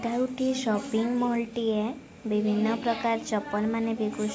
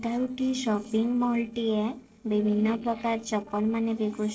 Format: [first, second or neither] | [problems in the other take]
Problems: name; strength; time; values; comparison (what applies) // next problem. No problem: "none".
first | noise reduction (neural separator model SepFormer DNS4)